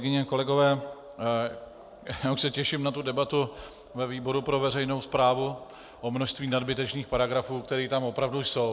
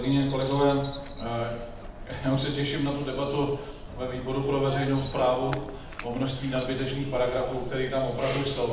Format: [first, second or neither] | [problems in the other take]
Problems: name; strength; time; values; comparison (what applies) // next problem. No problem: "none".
first | background sound (Bird vocalization, bird call, bird song); 11 dB below the speech // room echo; dies away in 0.8 s